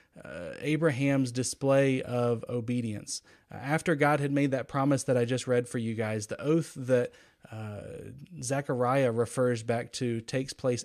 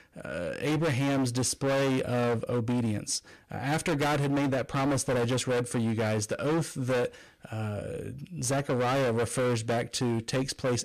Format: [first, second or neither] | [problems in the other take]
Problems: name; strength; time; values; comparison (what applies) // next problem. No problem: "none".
first | distortion; heavy; 25% of the sound clipped